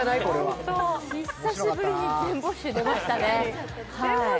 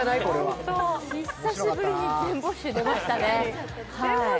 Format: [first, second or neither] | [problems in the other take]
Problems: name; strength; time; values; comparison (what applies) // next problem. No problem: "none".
first | background sound (Bird); 19 dB below the speech